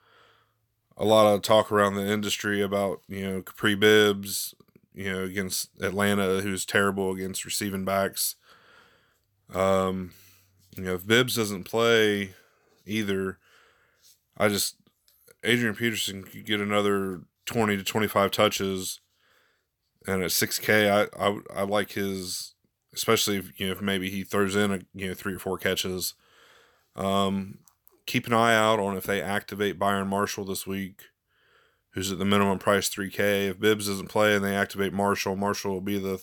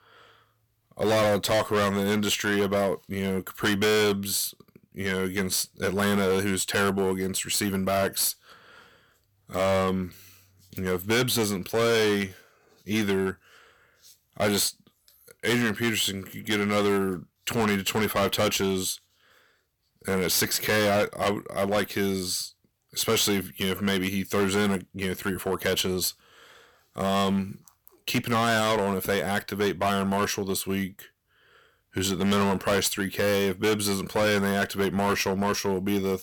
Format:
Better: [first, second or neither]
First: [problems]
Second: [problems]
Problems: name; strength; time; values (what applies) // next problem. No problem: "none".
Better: first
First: none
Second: distortion; heavy; 10% of the sound clipped